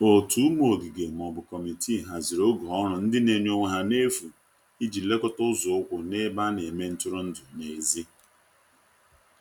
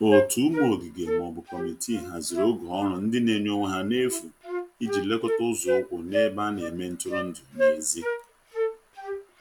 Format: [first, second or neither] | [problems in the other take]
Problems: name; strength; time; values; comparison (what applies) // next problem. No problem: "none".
first | background sound (Wind instrument, woodwind instrument); 3 dB below the speech